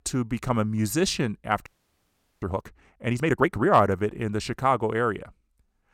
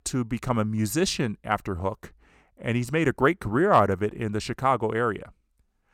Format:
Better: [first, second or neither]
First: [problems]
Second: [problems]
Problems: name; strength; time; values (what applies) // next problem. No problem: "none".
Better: second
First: audio freezing; at 1.5 s for 1 s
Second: none